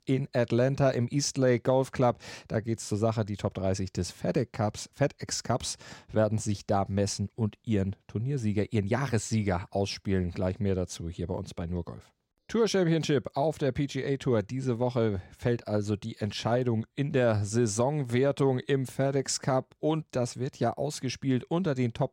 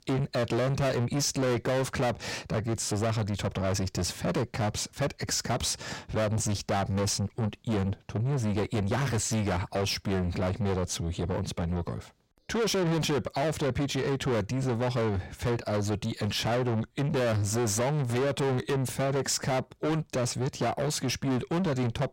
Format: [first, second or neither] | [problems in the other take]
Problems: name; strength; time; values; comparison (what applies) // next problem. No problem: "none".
first | distortion; heavy; 5 dB below the speech